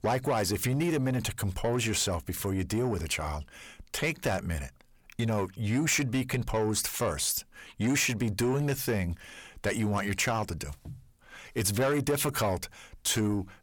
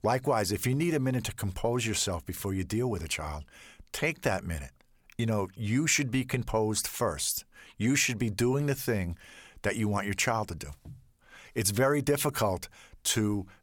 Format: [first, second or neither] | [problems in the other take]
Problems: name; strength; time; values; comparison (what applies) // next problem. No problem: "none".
second | distortion; slight; 10 dB below the speech